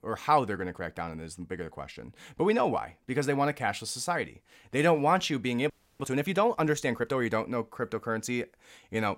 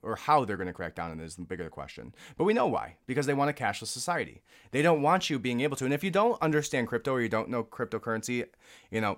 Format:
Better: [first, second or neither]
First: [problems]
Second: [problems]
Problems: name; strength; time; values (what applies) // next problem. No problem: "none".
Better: second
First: audio freezing; at 5.5 s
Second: none